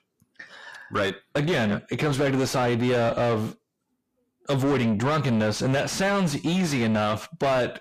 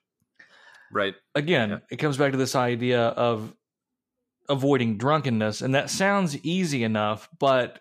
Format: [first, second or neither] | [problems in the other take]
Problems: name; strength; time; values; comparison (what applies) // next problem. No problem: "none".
second | distortion; heavy; 6 dB below the speech